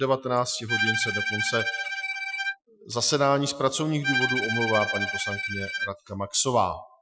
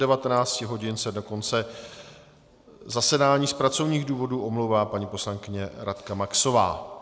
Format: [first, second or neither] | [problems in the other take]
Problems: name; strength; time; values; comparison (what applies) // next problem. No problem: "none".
second | noise reduction (classical method Wiener filter)